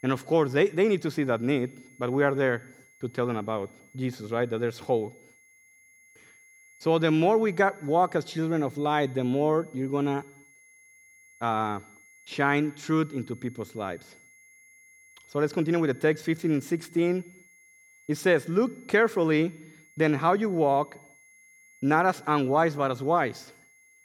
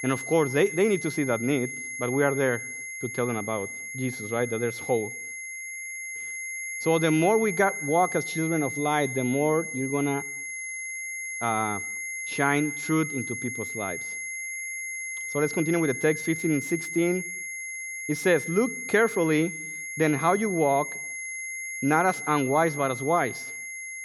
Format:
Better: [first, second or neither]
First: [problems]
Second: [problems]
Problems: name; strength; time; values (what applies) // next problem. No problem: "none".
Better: first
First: high-pitched whine; faint; throughout; 2 kHz, 30 dB below the speech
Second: high-pitched whine; loud; throughout; 2 kHz, 6 dB below the speech